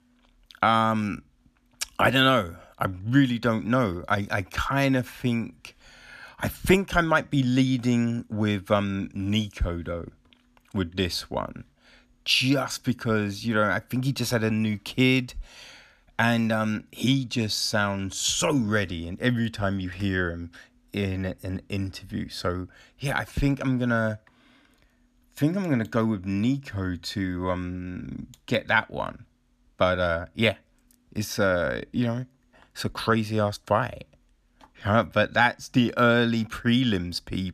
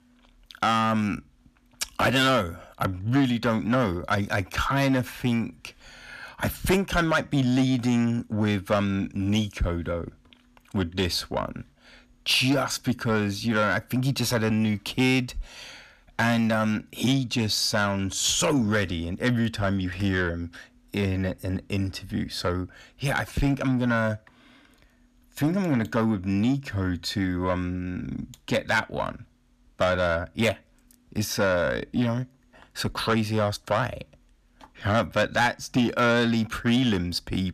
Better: first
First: none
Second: distortion; slight; 10 dB below the speech

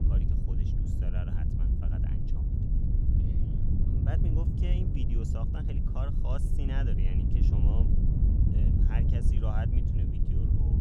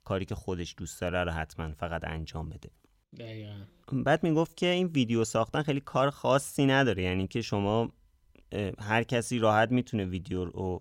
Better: second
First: wind noise on the microphone; heavy; 3 dB above the speech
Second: none

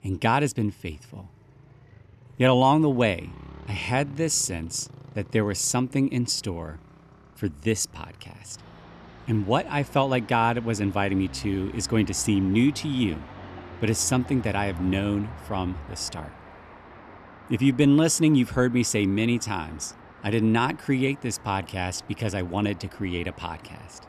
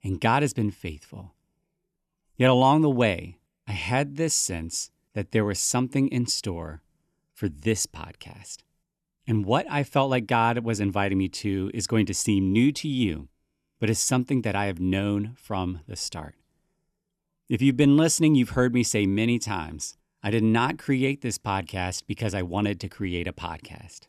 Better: second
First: traffic noise; faint; throughout; 20 dB below the speech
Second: none

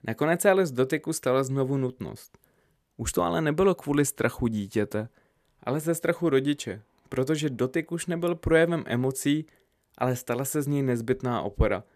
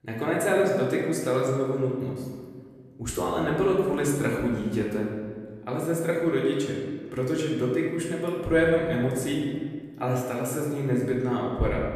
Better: first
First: none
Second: off-mic speech; far // room echo; noticeable; dies away in 1.6 s

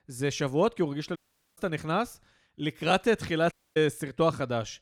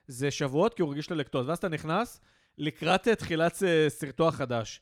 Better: second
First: audio cutting out; at 1 s and at 3.5 s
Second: none

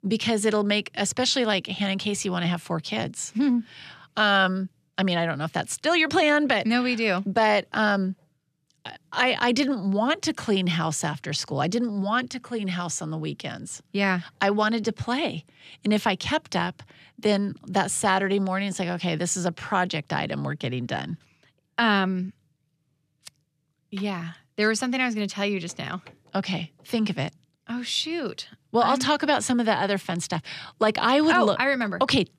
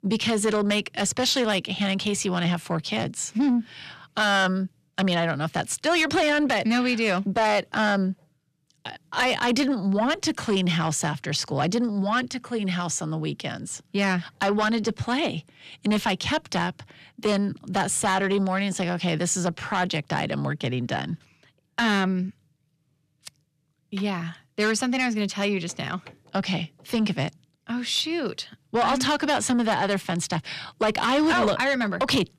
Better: first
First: none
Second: distortion; slight; 10 dB below the speech

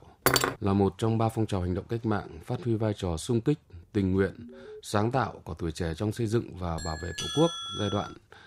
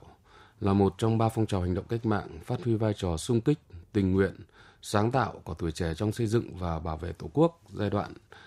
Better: second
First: clattering dishes; loud; at 0.5 s; peak 5 dB above the speech // alarm; faint; at 4.5 s; peak 15 dB below the speech // doorbell; noticeable; from 7 s on; peak 3 dB below the speech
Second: none

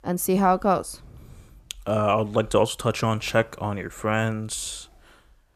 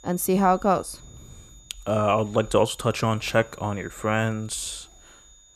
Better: first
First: none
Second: high-pitched whine; faint; throughout; 7 kHz, 25 dB below the speech

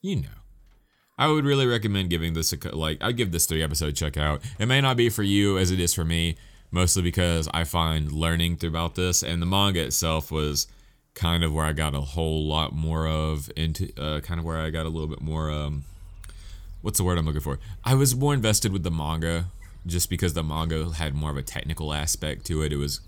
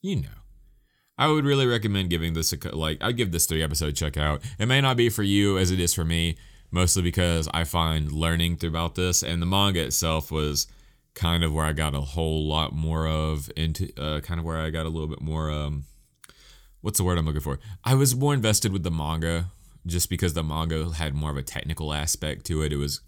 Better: second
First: animal sounds; faint; throughout; 25 dB below the speech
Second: none

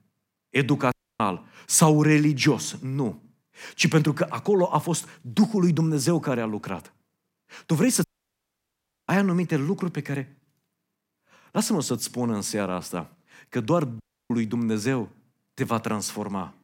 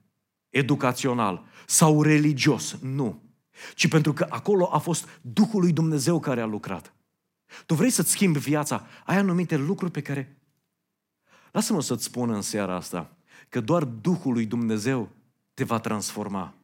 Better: second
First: audio cutting out; at 1 s, at 8 s for 1 s and at 14 s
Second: none

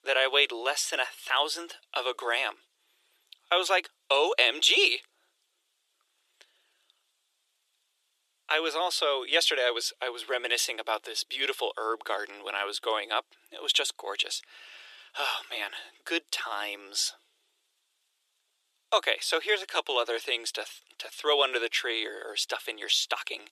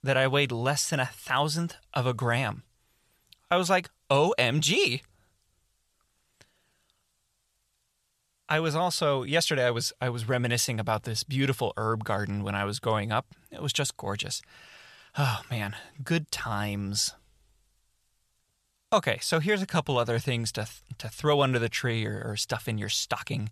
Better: second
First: thin; very; fading below 350 Hz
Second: none

